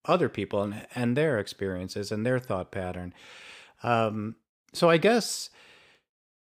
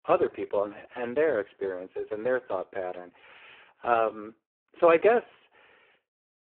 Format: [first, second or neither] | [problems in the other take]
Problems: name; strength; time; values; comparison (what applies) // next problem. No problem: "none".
first | phone-call audio; poor line